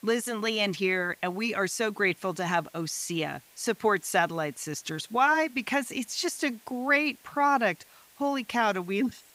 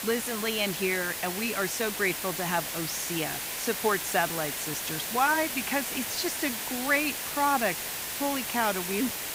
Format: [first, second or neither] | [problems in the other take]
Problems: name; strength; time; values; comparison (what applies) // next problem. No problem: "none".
first | hiss; loud; throughout; 2 dB below the speech; faint in the first